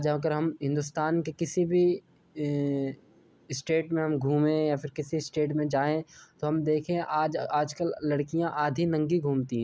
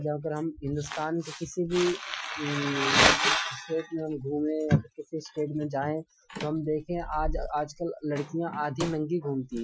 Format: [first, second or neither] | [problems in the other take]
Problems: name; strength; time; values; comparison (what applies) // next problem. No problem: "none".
first | noise reduction (classical method Wiener filter)